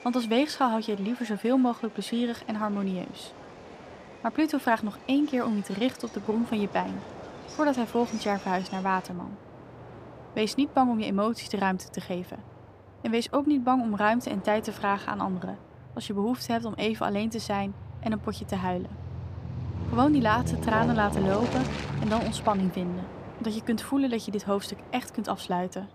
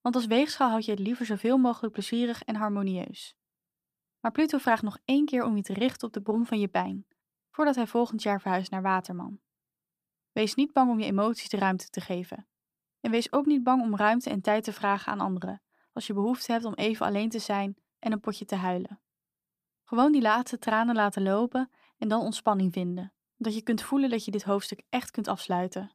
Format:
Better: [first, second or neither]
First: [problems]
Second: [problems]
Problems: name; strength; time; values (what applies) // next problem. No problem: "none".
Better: second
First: train or aircraft noise; noticeable; throughout; 10 dB below the speech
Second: none